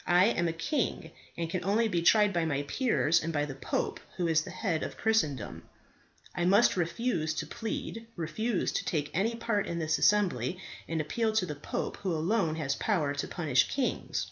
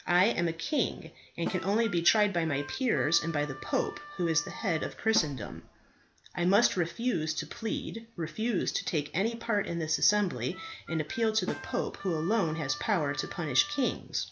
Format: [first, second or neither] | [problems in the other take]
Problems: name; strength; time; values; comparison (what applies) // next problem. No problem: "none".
first | background sound (Harmonica + Snare drum); 14 dB below the speech